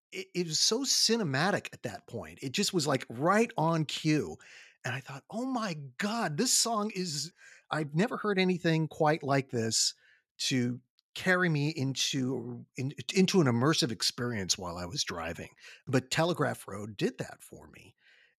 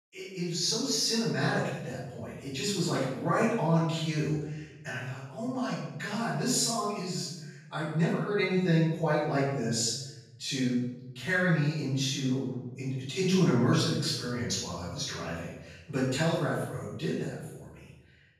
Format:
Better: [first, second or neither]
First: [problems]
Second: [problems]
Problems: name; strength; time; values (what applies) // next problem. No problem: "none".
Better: first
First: none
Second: off-mic speech; far // room echo; strong; dies away in 0.9 s